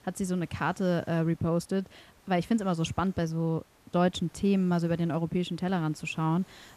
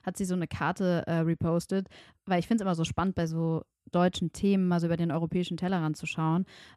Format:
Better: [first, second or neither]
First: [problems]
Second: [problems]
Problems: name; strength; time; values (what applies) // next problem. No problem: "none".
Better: second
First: hiss; faint; throughout; 30 dB below the speech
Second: none